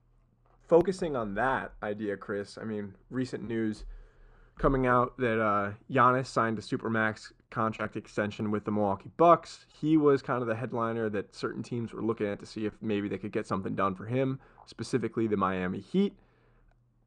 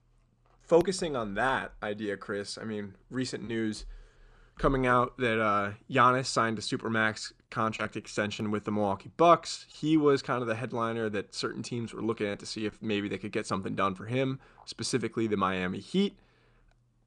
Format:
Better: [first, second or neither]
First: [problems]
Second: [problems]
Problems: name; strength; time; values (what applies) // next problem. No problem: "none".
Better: second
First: muffled; slightly; fading above 2 kHz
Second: none